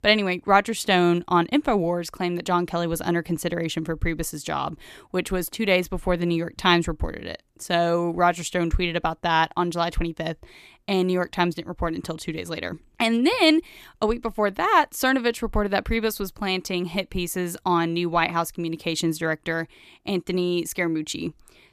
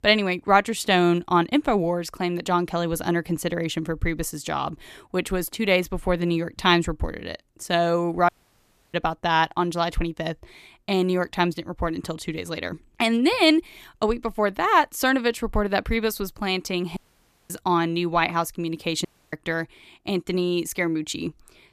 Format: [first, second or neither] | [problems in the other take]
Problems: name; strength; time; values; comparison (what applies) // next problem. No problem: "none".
first | audio cutting out; at 8.5 s for 0.5 s, at 17 s for 0.5 s and at 19 s